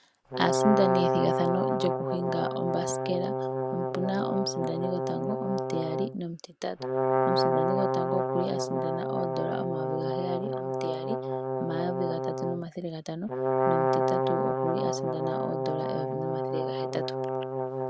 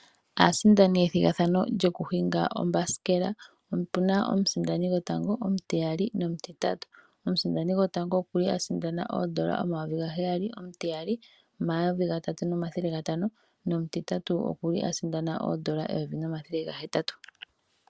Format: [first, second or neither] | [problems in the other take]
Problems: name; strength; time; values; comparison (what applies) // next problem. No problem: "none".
second | background sound (Brass instrument); 4 dB above the speech